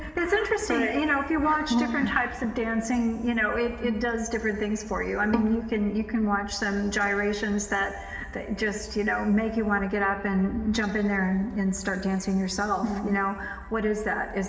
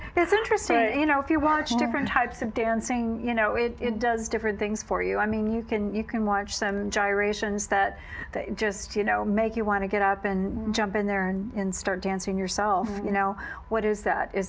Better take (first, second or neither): second